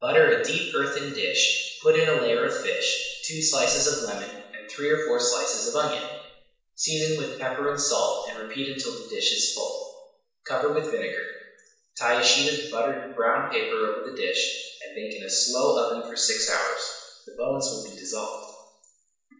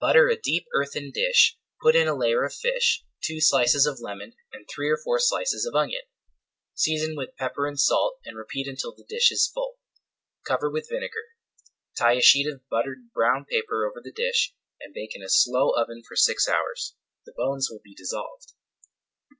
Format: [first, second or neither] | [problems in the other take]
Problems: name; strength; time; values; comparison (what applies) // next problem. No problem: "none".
second | room echo; dies away in 1 s